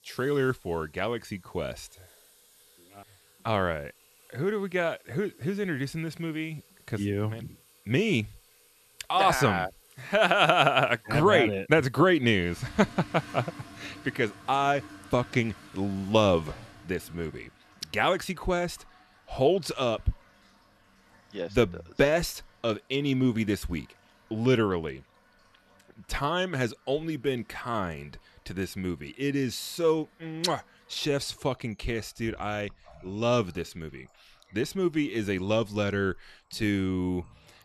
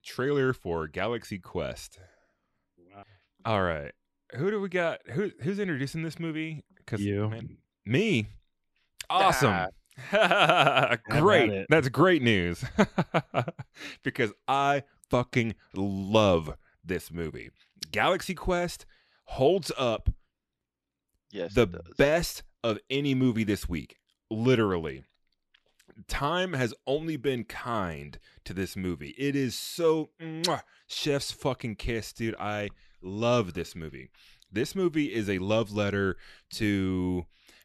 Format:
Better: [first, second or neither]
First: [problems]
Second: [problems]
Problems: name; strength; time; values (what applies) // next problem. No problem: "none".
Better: second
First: household noises; faint; throughout; 25 dB below the speech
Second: none